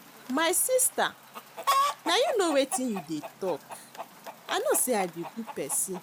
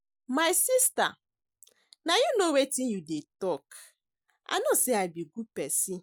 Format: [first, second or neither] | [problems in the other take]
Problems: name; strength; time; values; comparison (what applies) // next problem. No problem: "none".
second | background sound (Chicken, rooster); 6 dB below the speech